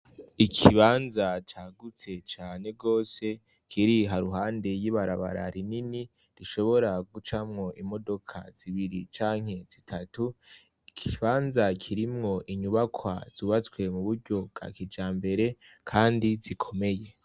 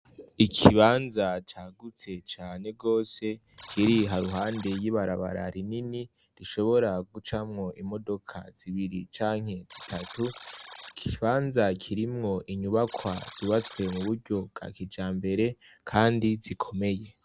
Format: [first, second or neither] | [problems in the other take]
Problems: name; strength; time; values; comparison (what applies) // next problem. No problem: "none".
first | background sound (Percussion + Alarm); 19 dB below the speech